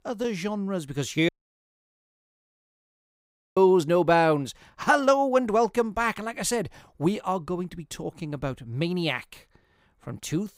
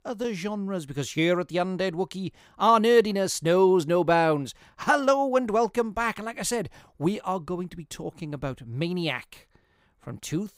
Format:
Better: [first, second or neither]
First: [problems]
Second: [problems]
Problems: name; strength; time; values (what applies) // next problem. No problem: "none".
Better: second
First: audio cutting out; at 1.5 s for 2.5 s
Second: none